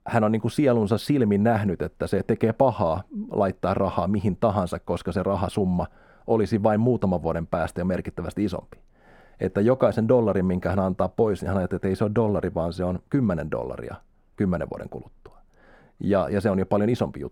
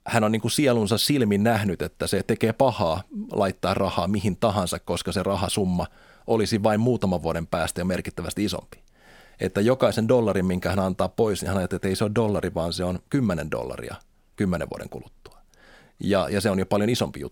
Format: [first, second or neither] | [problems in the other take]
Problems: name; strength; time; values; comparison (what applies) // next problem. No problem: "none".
second | muffled; slightly; fading above 2 kHz